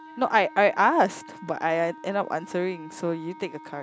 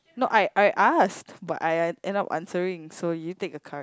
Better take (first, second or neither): second